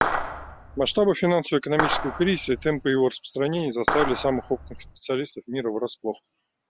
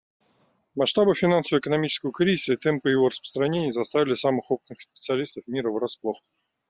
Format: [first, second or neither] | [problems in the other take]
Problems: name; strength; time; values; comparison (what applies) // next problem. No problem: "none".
second | background sound (Clapping); 3 dB below the speech